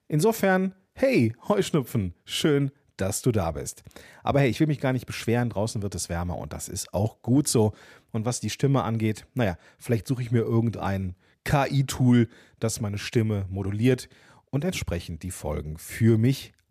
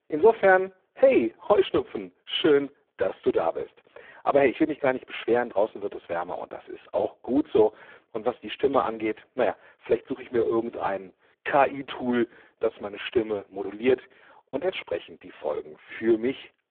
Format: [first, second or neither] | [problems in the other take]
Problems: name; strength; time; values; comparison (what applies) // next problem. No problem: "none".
first | phone-call audio; poor line